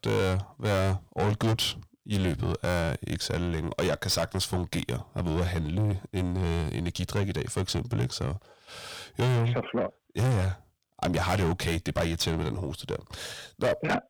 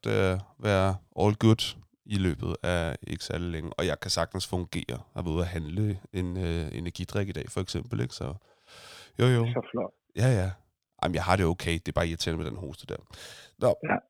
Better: second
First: distortion; heavy; 5 dB below the speech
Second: none

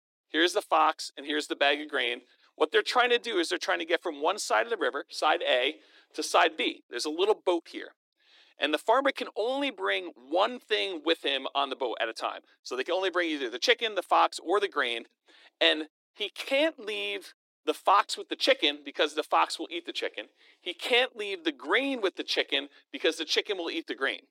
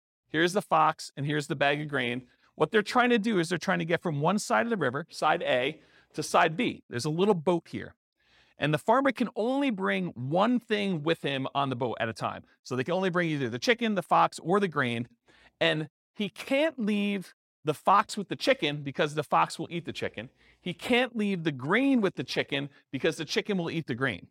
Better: second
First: thin; somewhat; fading below 300 Hz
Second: none

